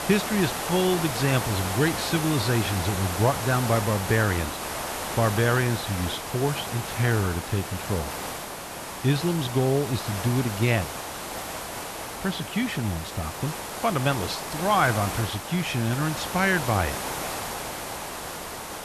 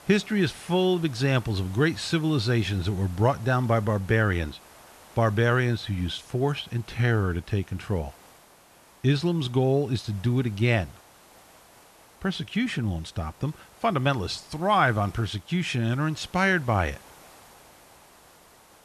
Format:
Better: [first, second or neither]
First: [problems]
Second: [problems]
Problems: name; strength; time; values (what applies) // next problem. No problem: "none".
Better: second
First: hiss; loud; throughout; 5 dB below the speech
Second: hiss; faint; throughout; 25 dB below the speech